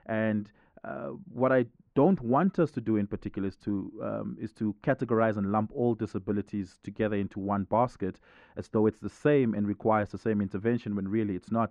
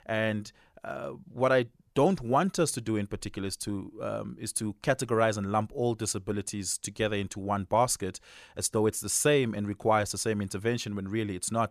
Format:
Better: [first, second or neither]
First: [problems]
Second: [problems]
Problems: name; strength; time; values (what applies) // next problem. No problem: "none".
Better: second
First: muffled; very; fading above 1.5 kHz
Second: none